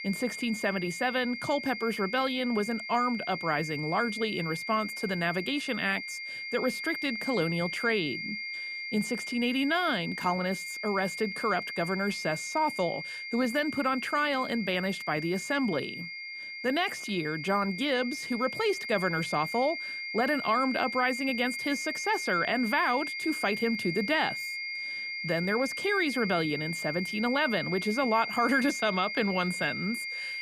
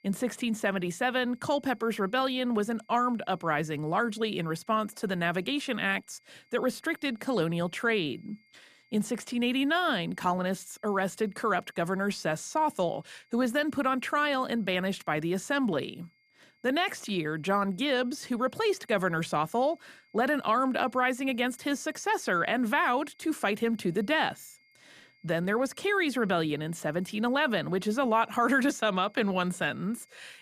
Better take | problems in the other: second | high-pitched whine; loud; throughout; 2 kHz, 5 dB below the speech; faint in the second

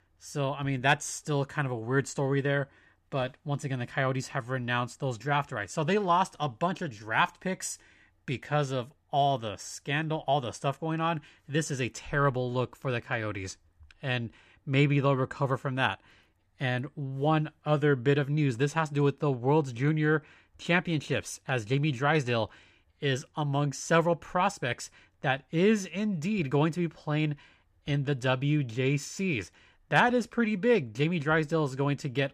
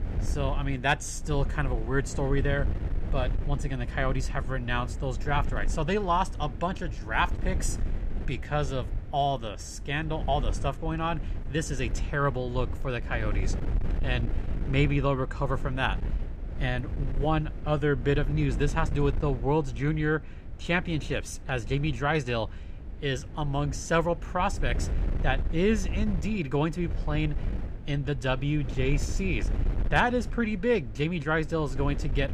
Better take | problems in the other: first | wind noise on the microphone; occasional gusts; 15 dB below the speech

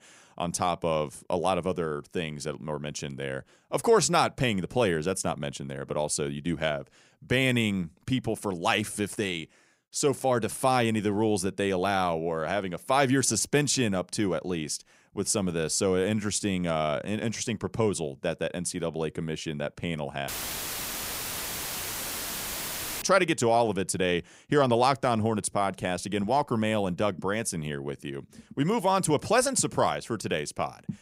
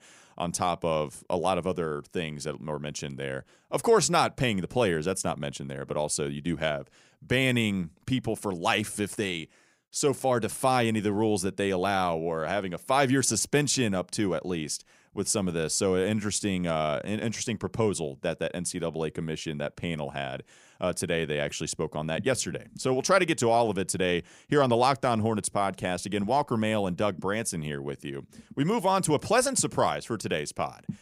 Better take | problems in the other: second | audio cutting out; filled with static; at 20 s for 2.5 s

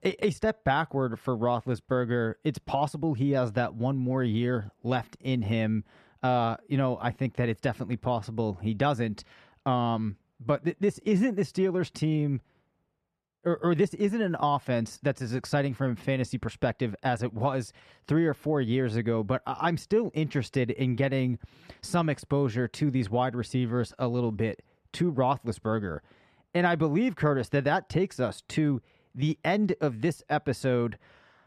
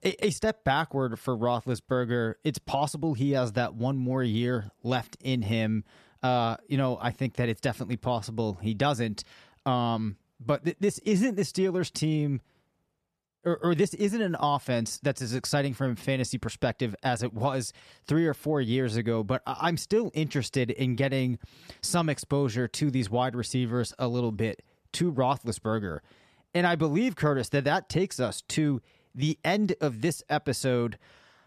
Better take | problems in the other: second | muffled; slightly; fading above 3.5 kHz

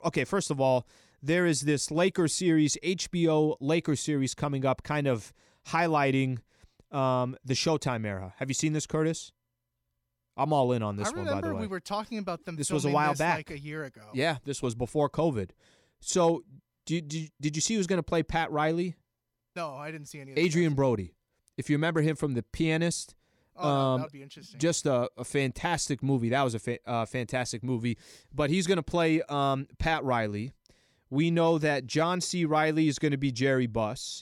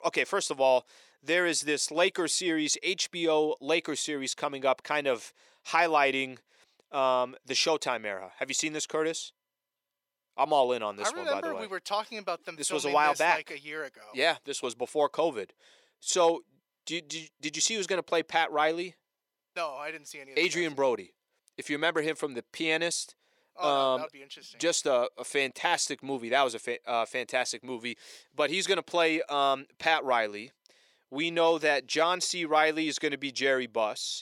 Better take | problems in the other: first | thin; somewhat; fading below 500 Hz

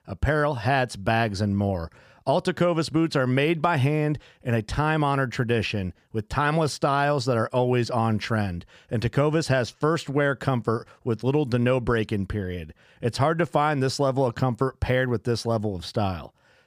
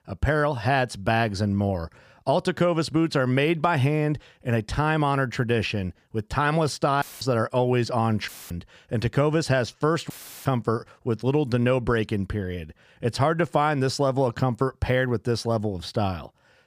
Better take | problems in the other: first | audio cutting out; filled with static; at 7 s, at 8.5 s and at 10 s

